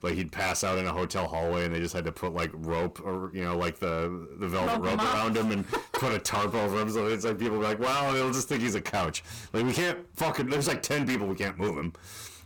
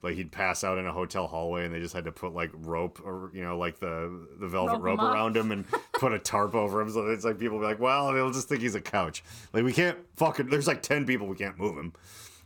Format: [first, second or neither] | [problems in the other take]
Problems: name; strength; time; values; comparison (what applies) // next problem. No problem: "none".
second | distortion; heavy; 20% of the sound clipped